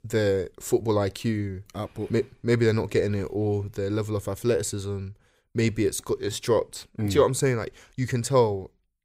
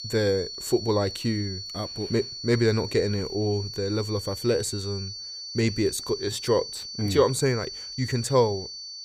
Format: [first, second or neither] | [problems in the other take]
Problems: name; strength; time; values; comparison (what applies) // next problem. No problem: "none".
first | high-pitched whine; loud; throughout; 4.5 kHz, 8 dB below the speech